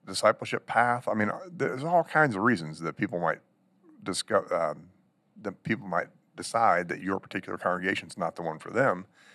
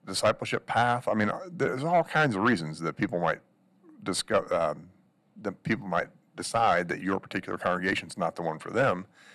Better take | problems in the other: first | distortion; slight; 10 dB below the speech

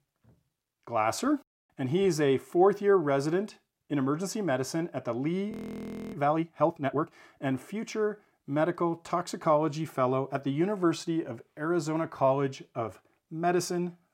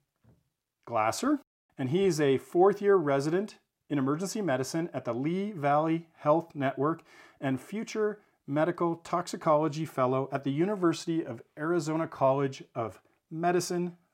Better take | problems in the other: second | audio freezing; at 5.5 s for 0.5 s

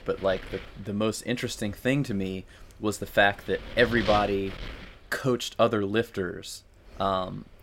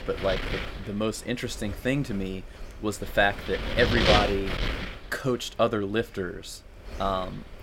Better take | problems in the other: first | wind noise on the microphone; heavy; 1 dB below the speech; occasional gusts in the first

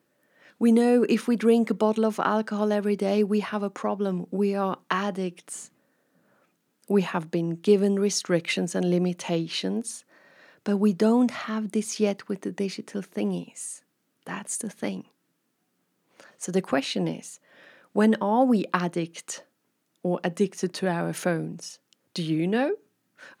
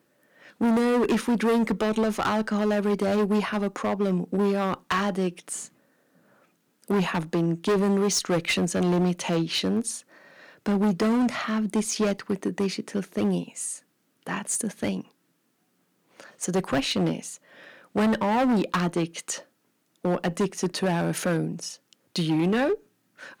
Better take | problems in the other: first | distortion; heavy; 12% of the sound clipped

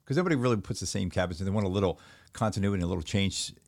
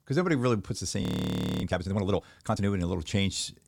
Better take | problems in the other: first | audio freezing; at 1 s for 0.5 s

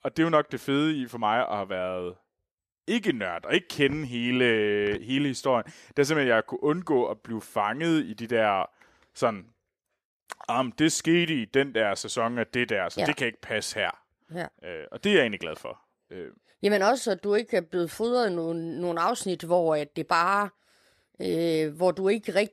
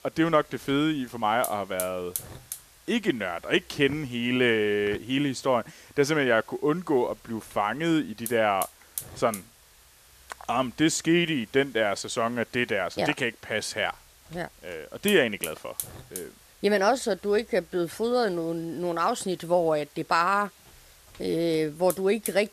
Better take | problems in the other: first | hiss; noticeable; throughout; 15 dB below the speech

